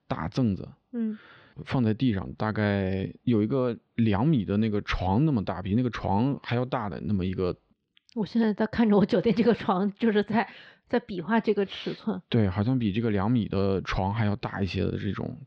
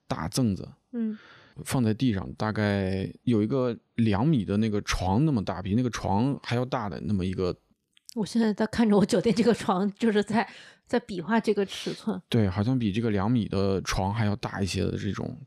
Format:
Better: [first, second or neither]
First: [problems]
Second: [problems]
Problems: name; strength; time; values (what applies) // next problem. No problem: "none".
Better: second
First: muffled; slightly; fading above 4 kHz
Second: none